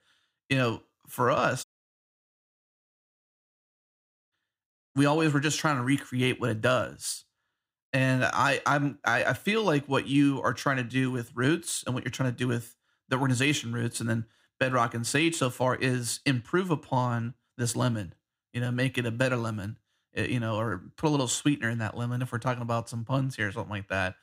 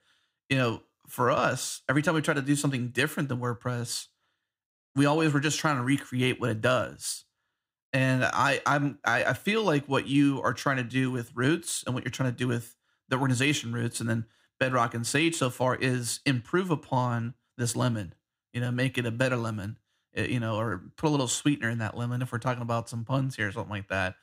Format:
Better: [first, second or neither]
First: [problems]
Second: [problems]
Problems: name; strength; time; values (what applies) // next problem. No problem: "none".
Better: second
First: audio cutting out; at 1.5 s for 2.5 s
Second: none